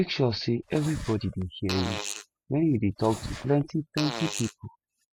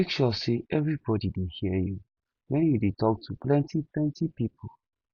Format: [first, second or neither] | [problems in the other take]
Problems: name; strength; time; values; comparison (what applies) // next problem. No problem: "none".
second | noise reduction (classical method spectral subtraction)